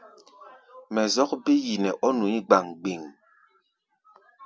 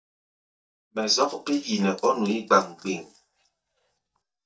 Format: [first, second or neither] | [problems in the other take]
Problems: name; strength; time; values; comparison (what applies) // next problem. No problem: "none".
first | noise reduction (neural mask model DeepFilterNet 3)